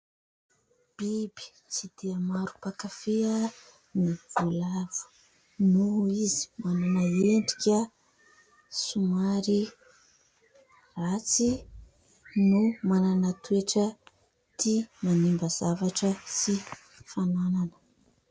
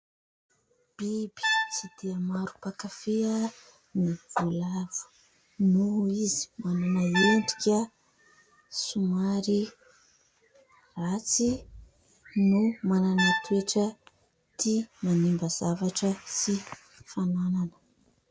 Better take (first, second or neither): first